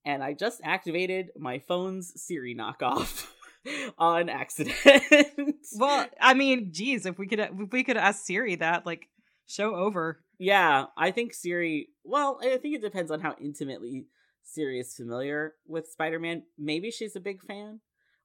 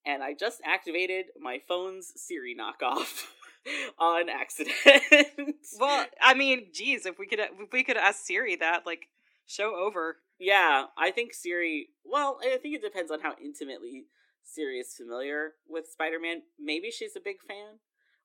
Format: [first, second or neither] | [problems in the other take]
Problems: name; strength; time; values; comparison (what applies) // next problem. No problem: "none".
first | thin; very slightly; fading below 300 Hz